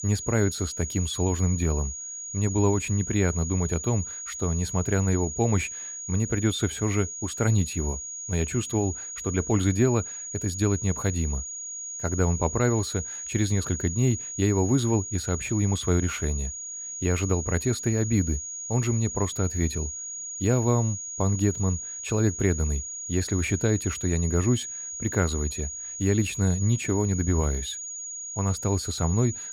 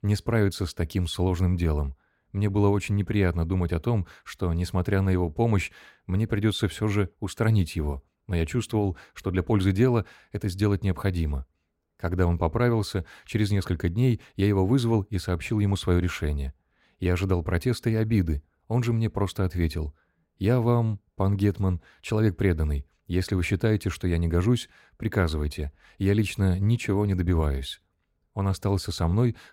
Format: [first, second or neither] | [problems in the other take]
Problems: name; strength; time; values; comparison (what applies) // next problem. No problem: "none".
second | high-pitched whine; loud; throughout; 6.5 kHz, 6 dB below the speech